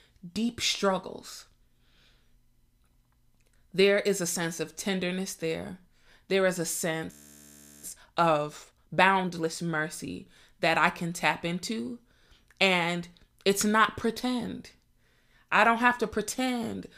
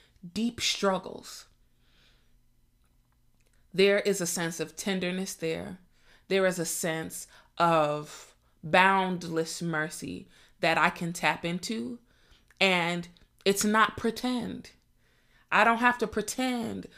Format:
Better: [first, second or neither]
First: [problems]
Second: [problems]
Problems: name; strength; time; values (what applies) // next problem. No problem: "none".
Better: second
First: audio freezing; at 7 s for 0.5 s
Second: none